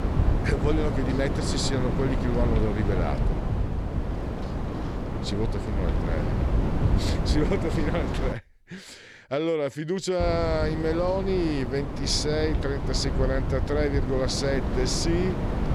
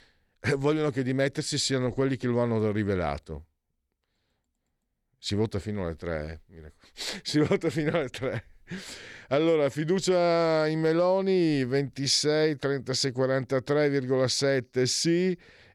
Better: second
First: wind noise on the microphone; heavy; until 8.5 s and from 10 s on; 5 dB below the speech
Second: none

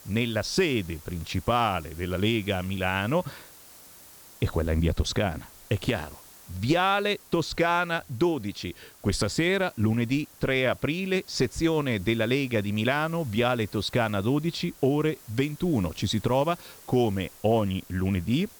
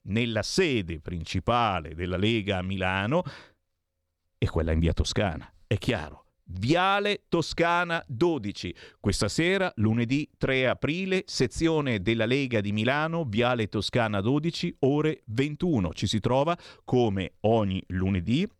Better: second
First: hiss; faint; throughout; 20 dB below the speech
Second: none

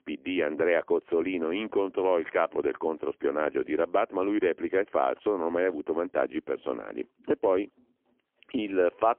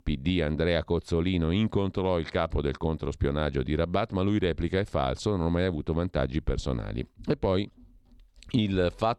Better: second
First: phone-call audio; poor line; nothing above 3.5 kHz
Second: none

